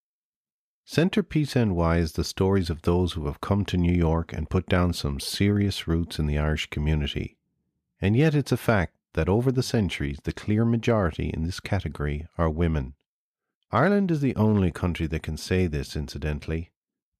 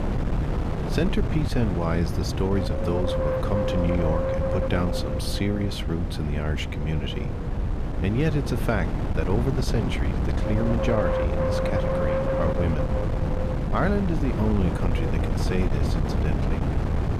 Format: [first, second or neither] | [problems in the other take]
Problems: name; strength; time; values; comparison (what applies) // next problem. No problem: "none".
first | wind noise on the microphone; heavy; 1 dB above the speech